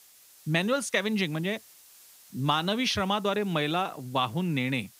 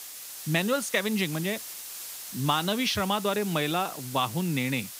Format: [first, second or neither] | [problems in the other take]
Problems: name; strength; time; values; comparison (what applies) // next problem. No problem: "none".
first | hiss; loud; throughout; 10 dB below the speech; faint in the first